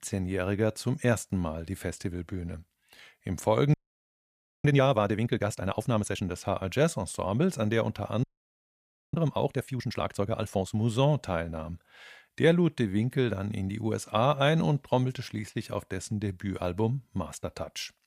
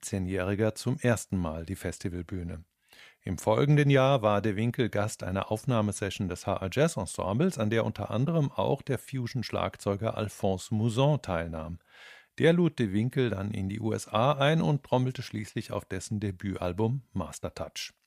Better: second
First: audio freezing; at 3.5 s for 1 s and at 8 s for 1 s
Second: none

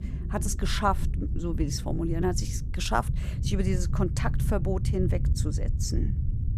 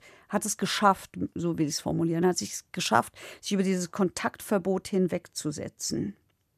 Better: second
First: low rumble; noticeable; throughout; 10 dB below the speech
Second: none

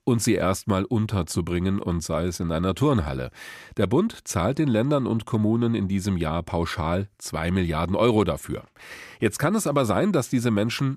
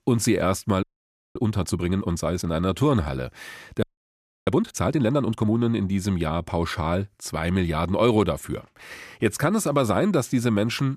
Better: first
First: none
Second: audio freezing; at 1 s for 0.5 s and at 4 s for 0.5 s

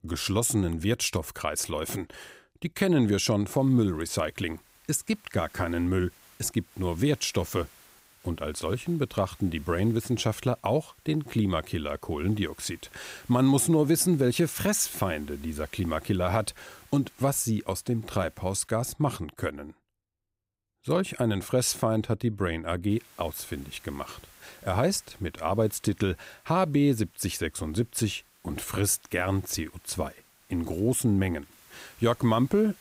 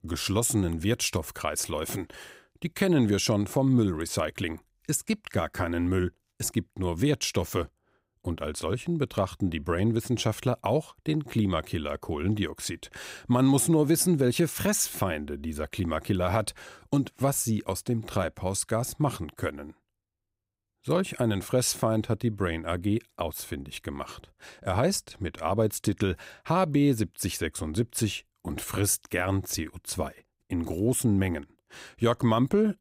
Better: second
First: hiss; faint; from 3.5 to 19 s and from 23 s on; 25 dB below the speech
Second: none

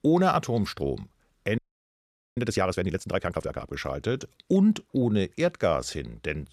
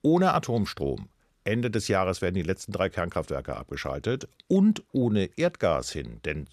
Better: second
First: audio freezing; at 1.5 s for 1 s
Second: none

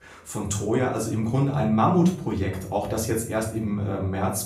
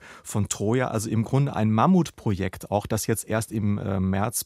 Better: second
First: off-mic speech; far // room echo; slight; dies away in 0.4 s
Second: none

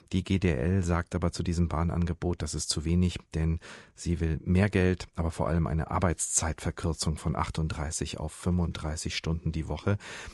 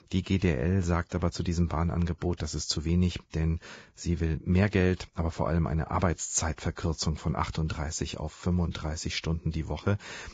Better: first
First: garbled, watery; slightly; nothing above 10 kHz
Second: garbled, watery; badly; nothing above 7.5 kHz

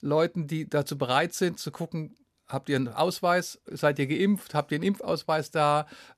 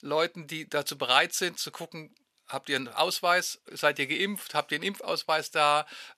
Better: first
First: none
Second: thin; somewhat; fading below 1 kHz

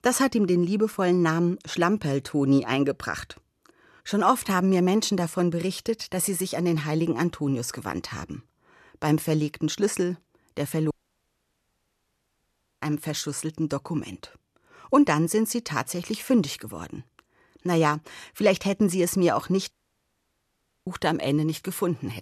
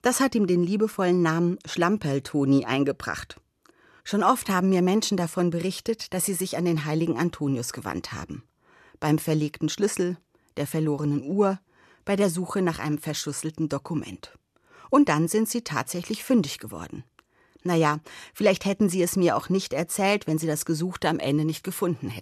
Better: second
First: audio cutting out; at 11 s for 2 s and at 20 s for 1 s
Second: none

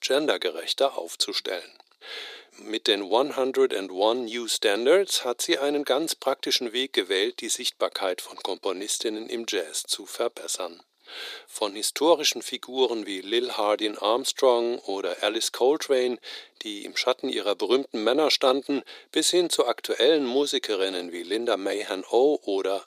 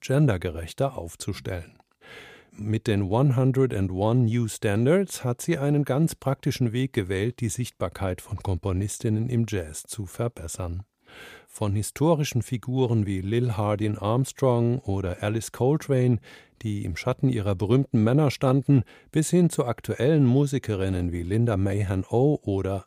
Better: second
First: thin; very; fading below 350 Hz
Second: none

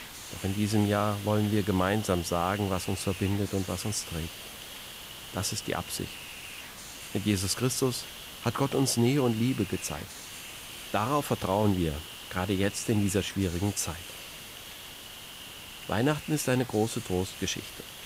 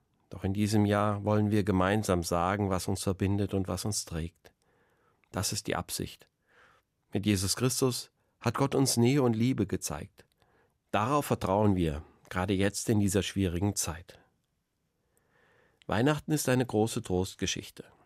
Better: second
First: hiss; noticeable; throughout; 10 dB below the speech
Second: none

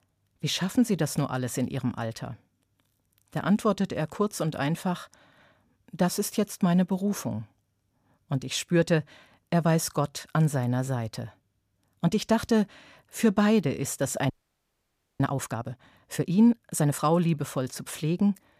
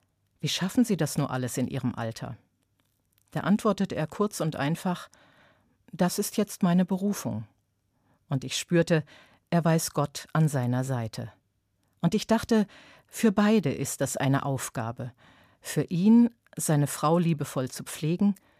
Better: second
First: audio freezing; at 14 s for 1 s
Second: none

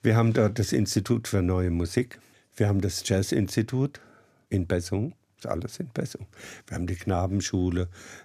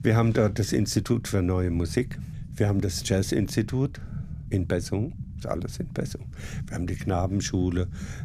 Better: first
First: none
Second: low rumble; noticeable; throughout; 20 dB below the speech

